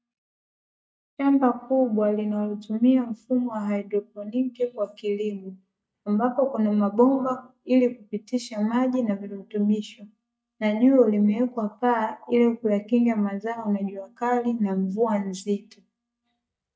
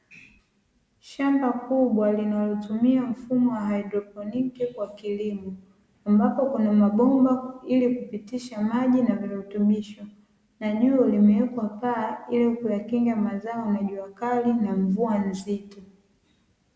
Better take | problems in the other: second | noise reduction (neural mask model DeepFilterNet 3)

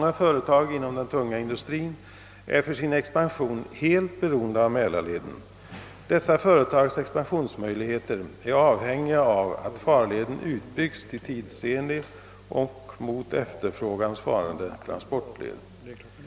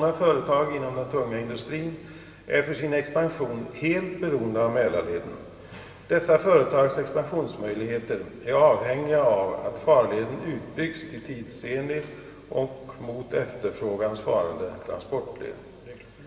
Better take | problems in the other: first | room echo; dies away in 2.1 s

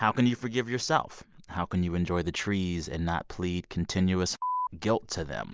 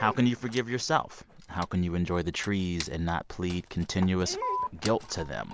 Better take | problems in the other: first | background sound (Wood + Dog); 15 dB below the speech

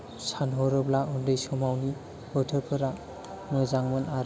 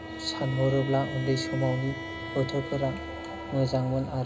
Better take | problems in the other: first | background sound (Bowed string instrument); 9 dB below the speech // room echo; dies away in 0.2 s

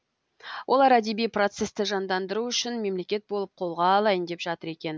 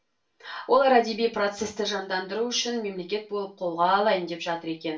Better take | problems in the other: first | room echo; dies away in 0.3 s

